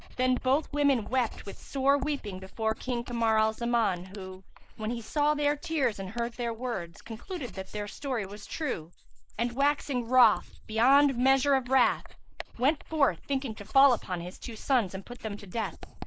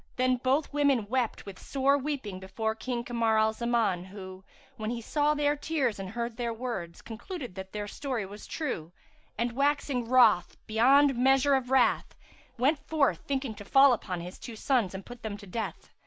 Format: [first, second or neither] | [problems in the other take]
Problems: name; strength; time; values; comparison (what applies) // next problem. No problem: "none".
second | noise reduction (neural mask model Resemble Enhance denoiser)